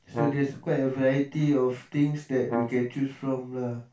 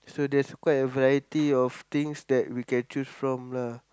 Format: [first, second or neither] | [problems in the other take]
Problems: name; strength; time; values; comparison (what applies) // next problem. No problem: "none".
second | background sound (Brass instrument); 9 dB below the speech // room echo; dies away in 0.2 s